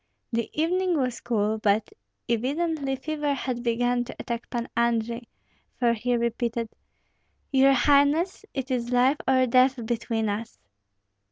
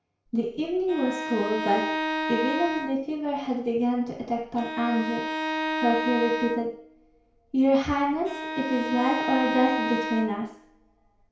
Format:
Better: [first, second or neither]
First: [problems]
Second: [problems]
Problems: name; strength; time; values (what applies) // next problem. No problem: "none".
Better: first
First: none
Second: background sound (Bowed string instrument); 5 dB below the speech // room echo; dies away in 0.6 s